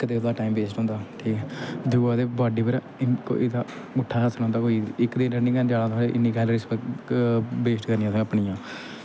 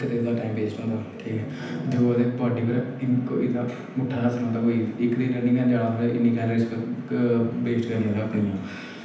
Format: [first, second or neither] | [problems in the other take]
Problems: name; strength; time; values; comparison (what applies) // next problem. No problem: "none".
first | room echo; dies away in 0.9 s